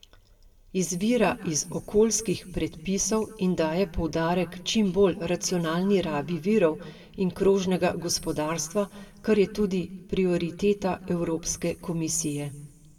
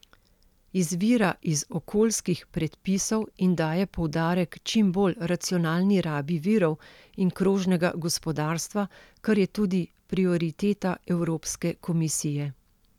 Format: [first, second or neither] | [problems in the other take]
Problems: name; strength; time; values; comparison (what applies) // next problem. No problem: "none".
second | room echo; dies away in 1.4 s